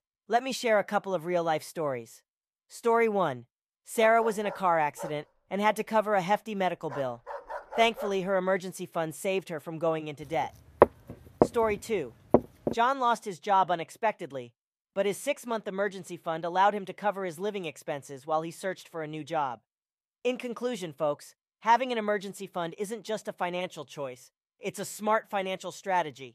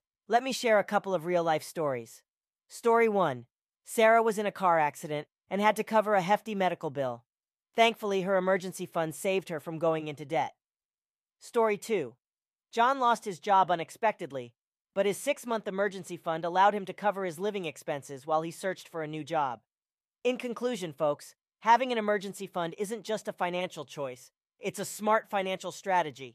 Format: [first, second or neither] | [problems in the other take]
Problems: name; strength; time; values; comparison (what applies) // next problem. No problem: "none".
second | dog barking; noticeable; from 4 to 8 s; peak 8 dB below the speech // footsteps; loud; from 11 to 13 s; peak 5 dB above the speech